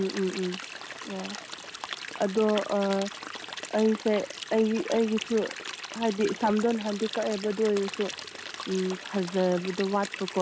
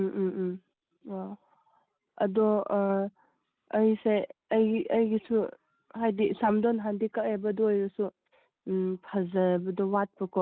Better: second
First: background sound (Stream); 11 dB below the speech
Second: none

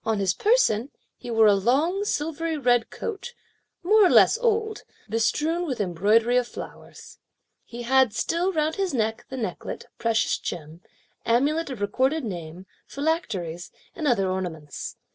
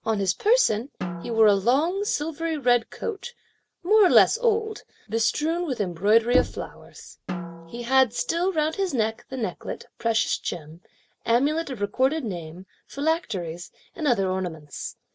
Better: first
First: none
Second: background sound (Drum + Knock); 10 dB below the speech

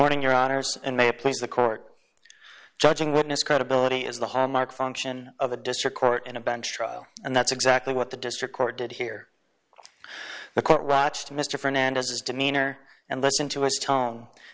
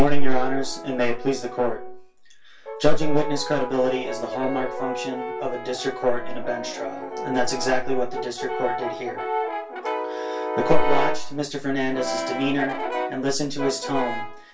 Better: first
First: none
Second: background sound (Brass instrument); 9 dB below the speech // room echo; dies away in 0.2 s

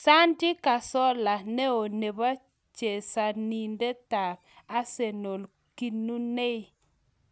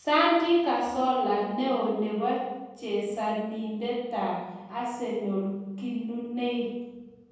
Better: first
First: none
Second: room echo; dies away in 1.3 s

